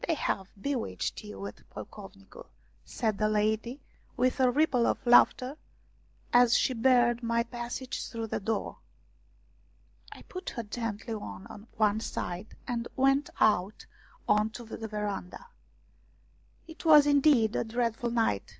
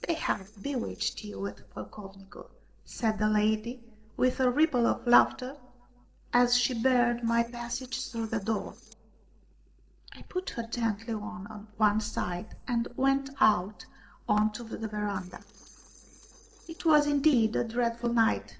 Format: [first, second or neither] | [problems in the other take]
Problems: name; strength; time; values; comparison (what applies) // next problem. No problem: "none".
first | noise reduction (neural separator model SepFormer DNS4)